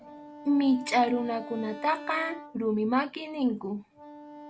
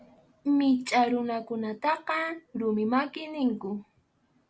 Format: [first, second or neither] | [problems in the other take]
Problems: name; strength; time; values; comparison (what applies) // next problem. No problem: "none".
second | background sound (Wind instrument, woodwind instrument); 16 dB below the speech